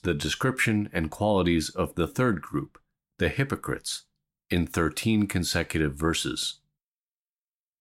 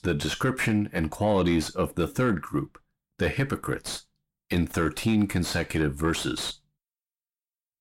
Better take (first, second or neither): first